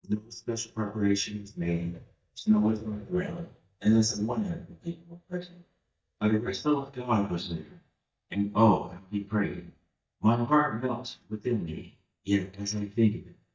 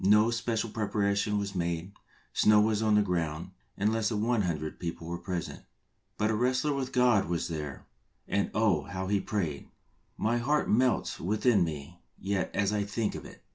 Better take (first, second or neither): second